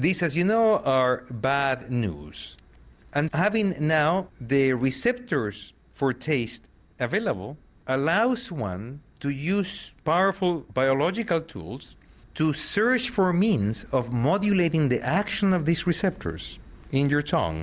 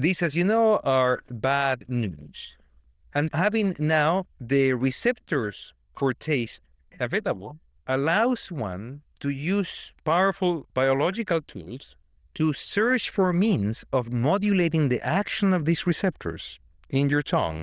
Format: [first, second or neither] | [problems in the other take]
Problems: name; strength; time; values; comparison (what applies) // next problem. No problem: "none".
first | noise reduction (neural diffusion model UNIVERSE++)